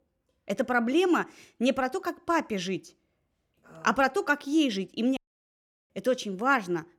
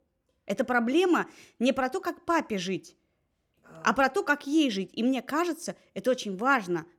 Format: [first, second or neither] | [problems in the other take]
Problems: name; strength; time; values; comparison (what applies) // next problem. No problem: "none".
second | audio cutting out; at 5 s for 0.5 s